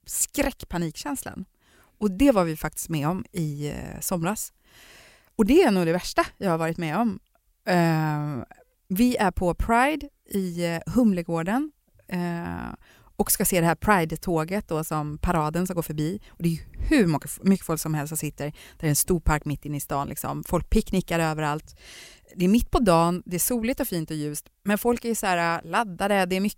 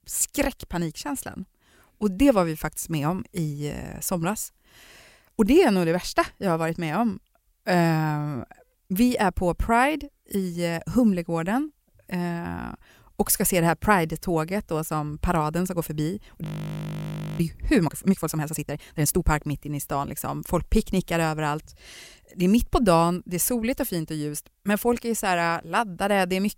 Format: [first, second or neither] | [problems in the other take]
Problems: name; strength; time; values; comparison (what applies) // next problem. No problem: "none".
first | audio freezing; at 16 s for 1 s